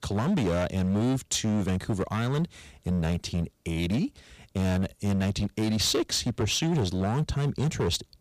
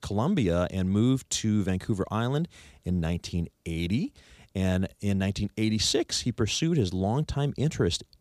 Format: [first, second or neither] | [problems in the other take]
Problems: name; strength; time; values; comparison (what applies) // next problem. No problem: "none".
second | distortion; slight; 14% of the sound clipped